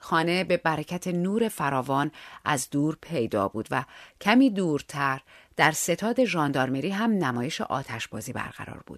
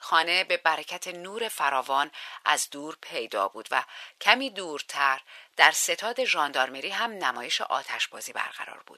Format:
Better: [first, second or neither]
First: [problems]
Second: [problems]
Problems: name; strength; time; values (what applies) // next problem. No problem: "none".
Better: first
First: none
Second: thin; very; fading below 750 Hz